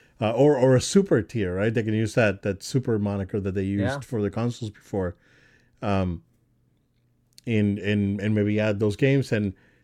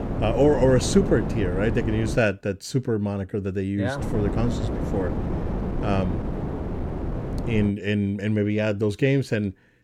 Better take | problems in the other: first | wind noise on the microphone; heavy; until 2 s and from 4 to 7.5 s; 8 dB below the speech

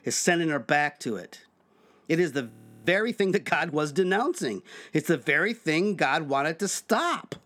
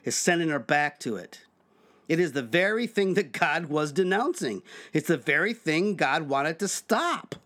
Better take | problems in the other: second | audio freezing; at 2.5 s

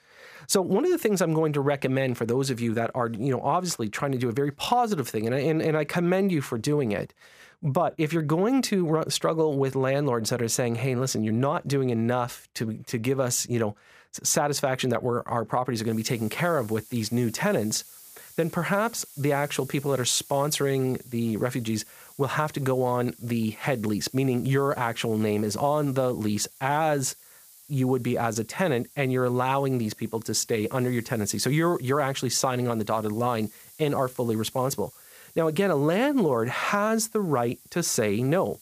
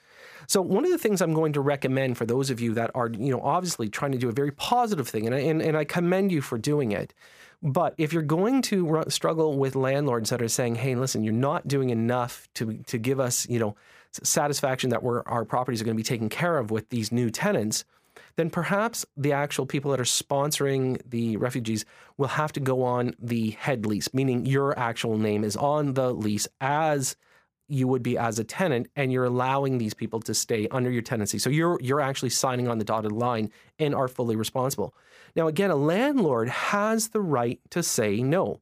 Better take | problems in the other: second | hiss; faint; from 16 s on; 20 dB below the speech

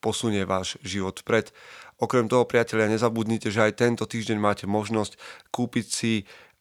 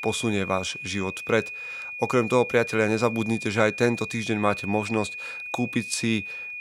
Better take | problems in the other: first | high-pitched whine; loud; throughout; 2.5 kHz, 8 dB below the speech

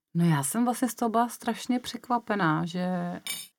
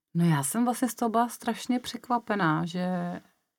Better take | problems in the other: second | clattering dishes; noticeable; at 3.5 s; peak 7 dB below the speech

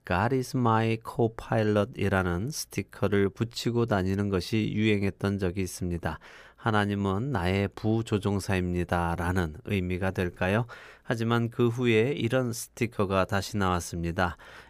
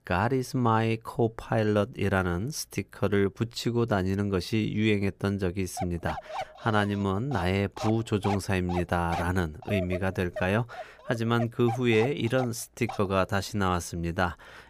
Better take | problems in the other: first | dog barking; noticeable; from 6 to 13 s; peak 7 dB below the speech

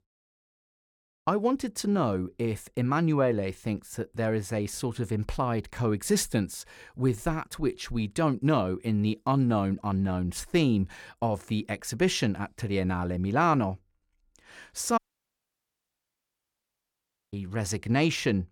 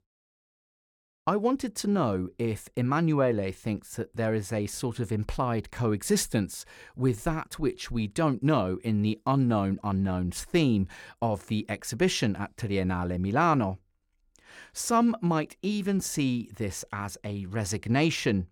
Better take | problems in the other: second | audio cutting out; at 15 s for 2.5 s

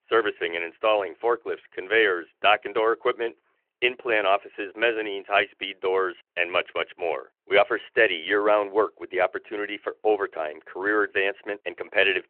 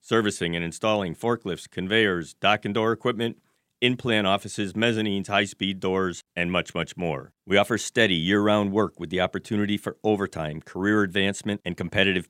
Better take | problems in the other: second | phone-call audio

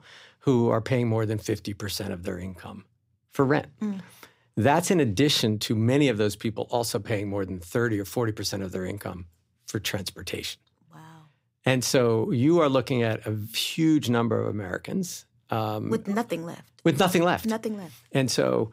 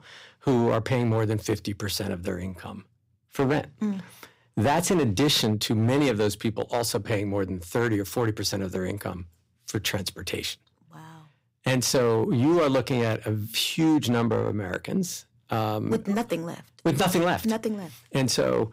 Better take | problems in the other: first | distortion; slight; 6% of the sound clipped

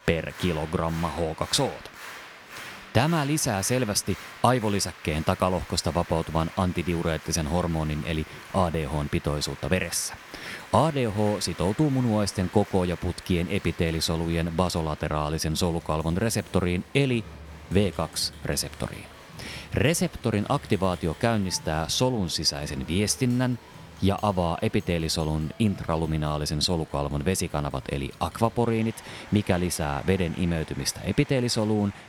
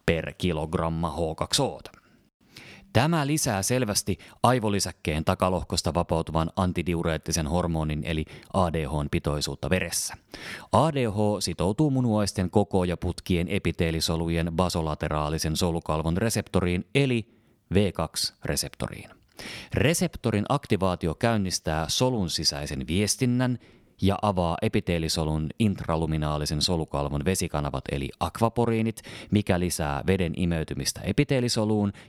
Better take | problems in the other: second | crowd noise; noticeable; throughout; 15 dB below the speech

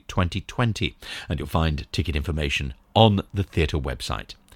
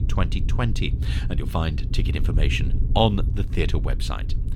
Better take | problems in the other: first | low rumble; noticeable; throughout; 15 dB below the speech

